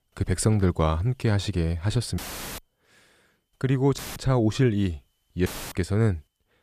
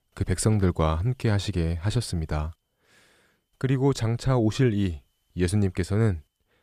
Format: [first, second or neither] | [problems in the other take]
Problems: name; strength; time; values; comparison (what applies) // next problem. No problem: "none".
second | audio cutting out; filled with static; at 2 s, at 4 s and at 5.5 s